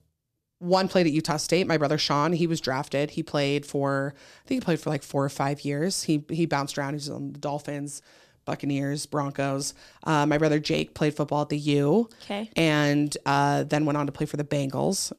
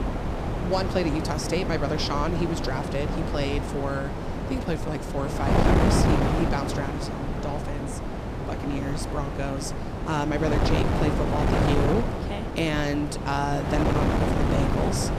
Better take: first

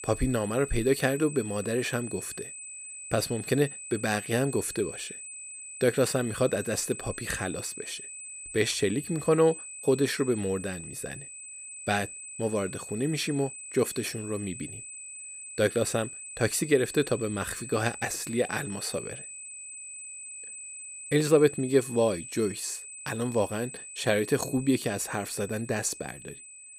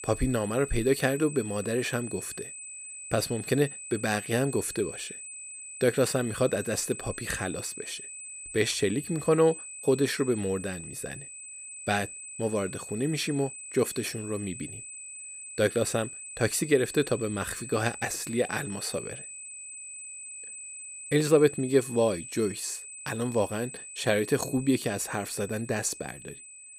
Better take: neither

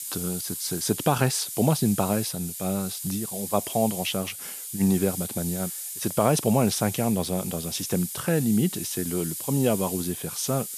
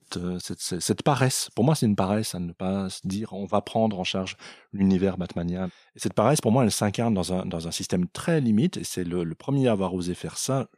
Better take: second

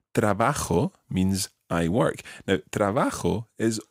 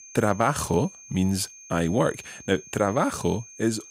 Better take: first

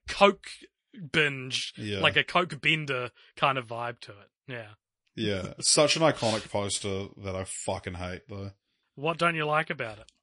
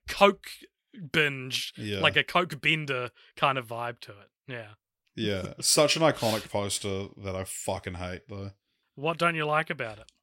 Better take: second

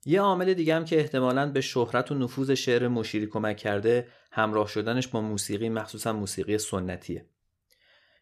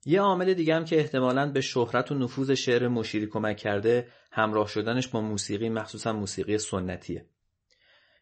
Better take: first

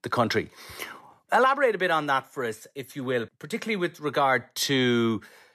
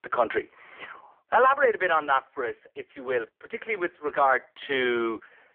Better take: first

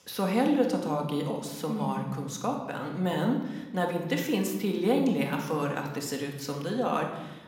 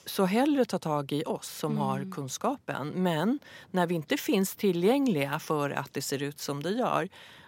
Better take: second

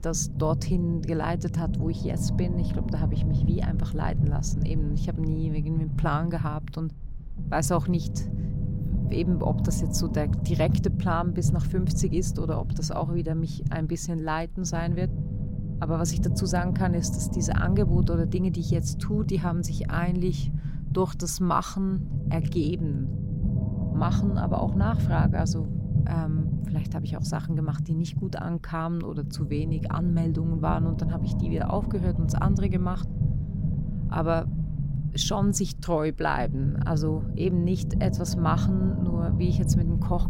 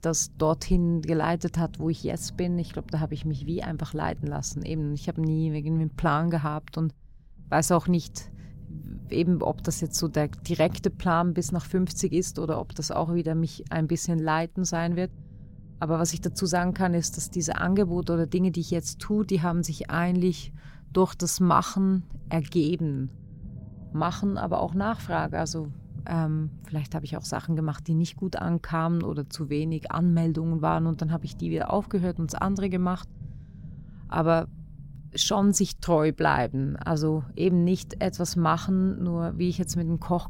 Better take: second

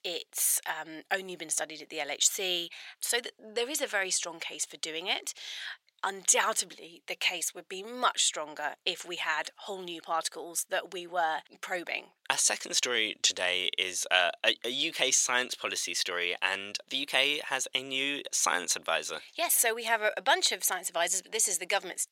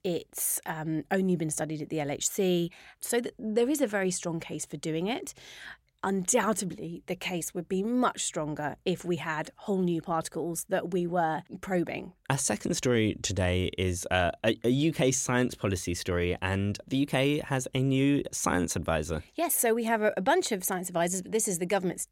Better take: second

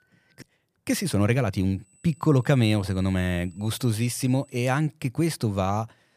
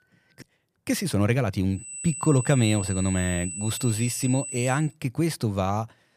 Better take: first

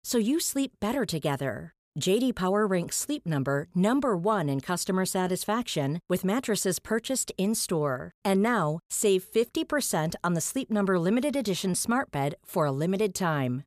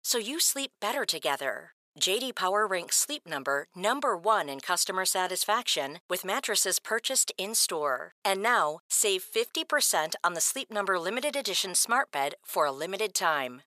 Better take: first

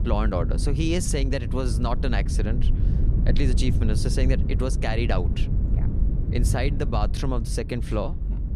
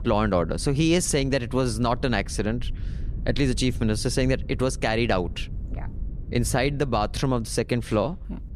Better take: second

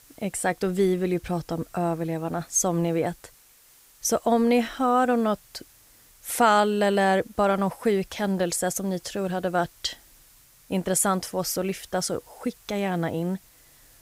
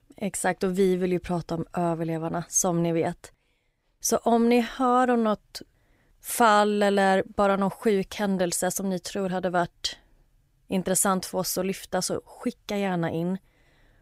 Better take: second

